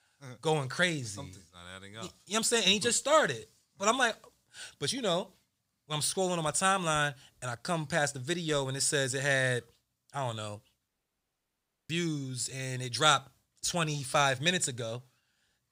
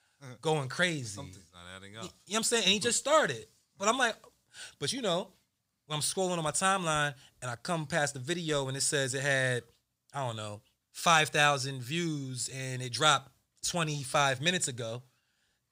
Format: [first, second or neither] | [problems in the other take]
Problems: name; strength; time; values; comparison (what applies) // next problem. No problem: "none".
second | audio cutting out; at 11 s for 1 s